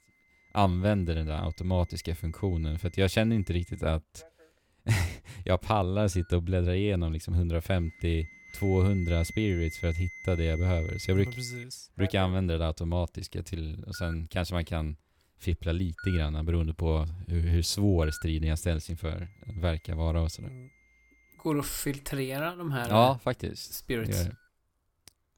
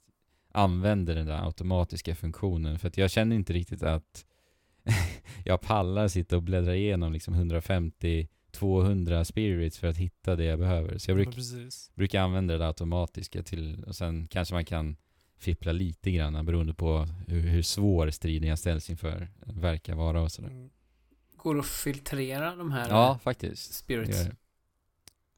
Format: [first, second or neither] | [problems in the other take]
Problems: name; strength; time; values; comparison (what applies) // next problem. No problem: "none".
second | alarms or sirens; noticeable; throughout; 15 dB below the speech